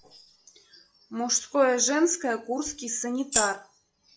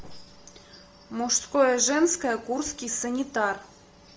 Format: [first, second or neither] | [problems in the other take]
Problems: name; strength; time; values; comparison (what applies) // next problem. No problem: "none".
second | noise reduction (classical method log-MMSE)